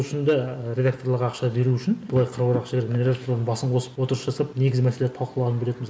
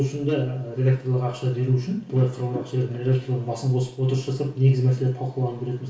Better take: first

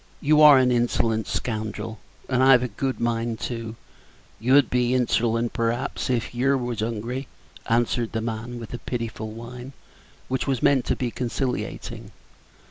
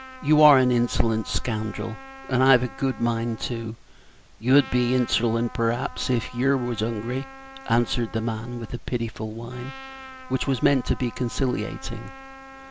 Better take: first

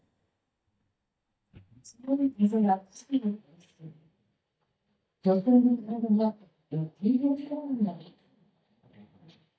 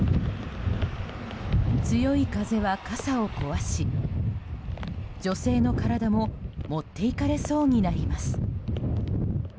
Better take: second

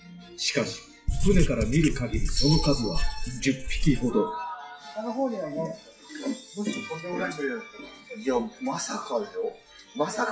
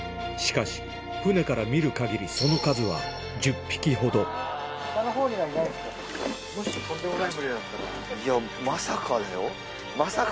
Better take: second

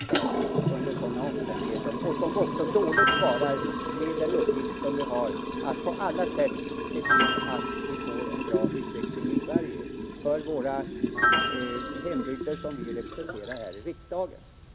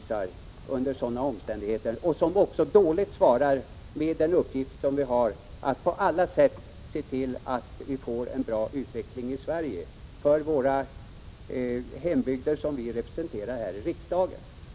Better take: second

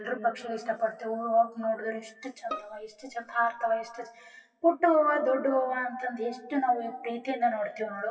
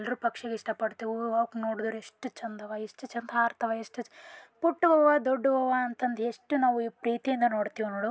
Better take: second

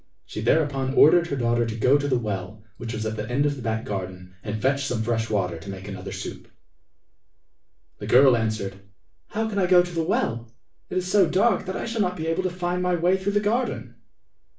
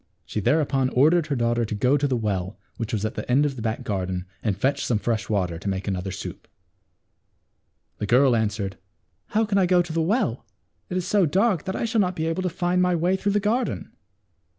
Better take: second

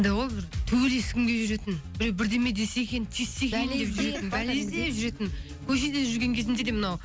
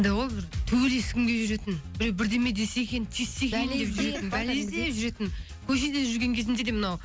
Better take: second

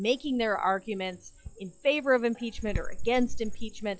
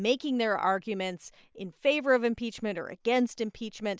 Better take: second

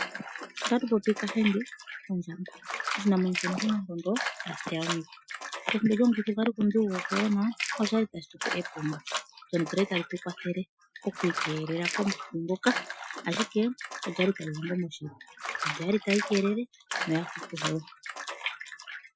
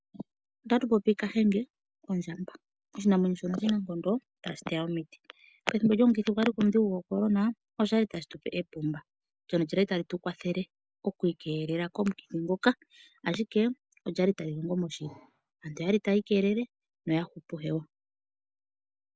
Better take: second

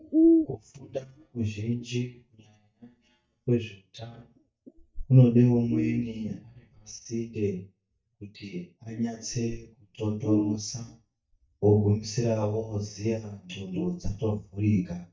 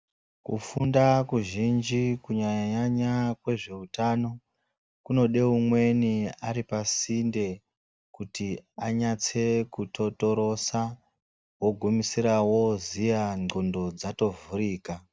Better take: second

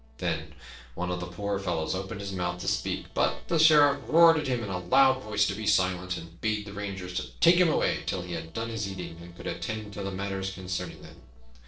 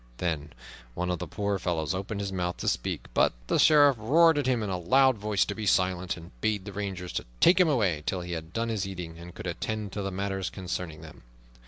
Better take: second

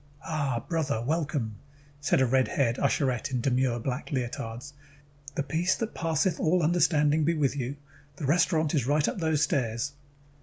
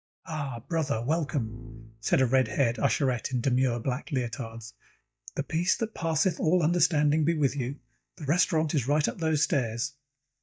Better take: first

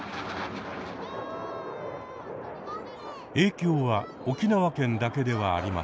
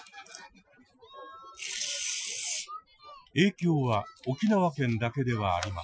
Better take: first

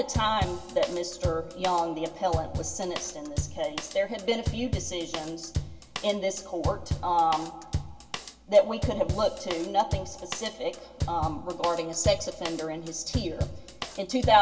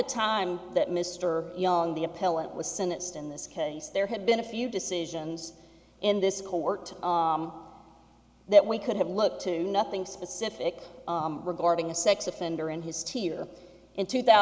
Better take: second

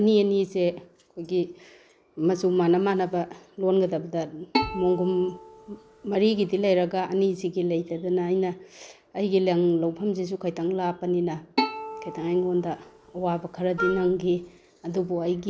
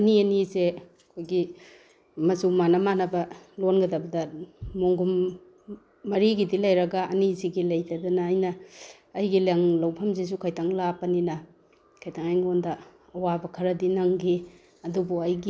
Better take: second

